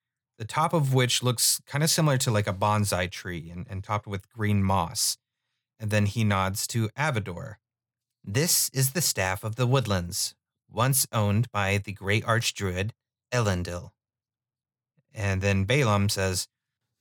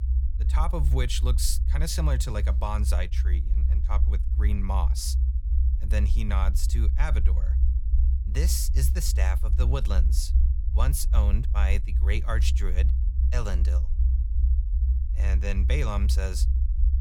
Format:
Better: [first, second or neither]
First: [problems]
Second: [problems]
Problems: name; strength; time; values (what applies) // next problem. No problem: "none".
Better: first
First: none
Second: low rumble; loud; throughout; 10 dB below the speech